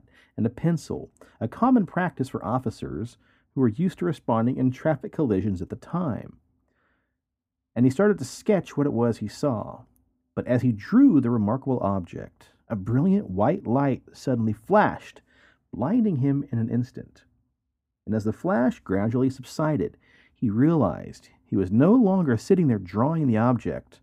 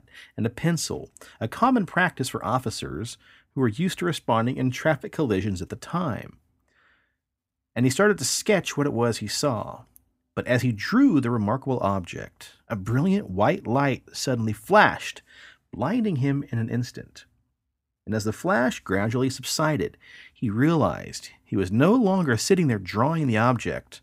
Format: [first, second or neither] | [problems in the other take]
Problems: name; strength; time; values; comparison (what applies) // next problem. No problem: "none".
second | muffled; slightly; fading above 1.5 kHz